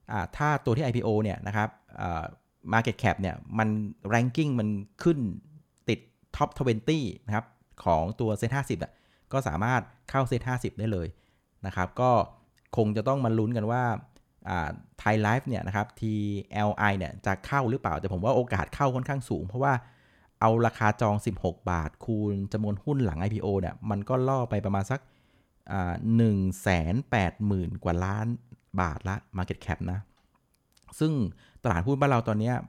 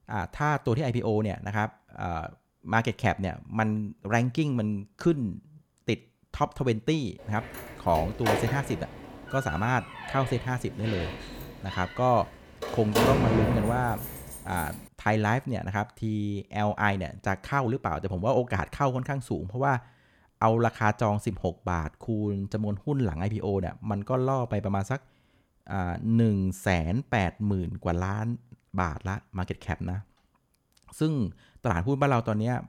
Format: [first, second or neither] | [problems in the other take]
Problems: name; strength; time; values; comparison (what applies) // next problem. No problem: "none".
first | door banging; loud; from 7.5 to 15 s; peak 6 dB above the speech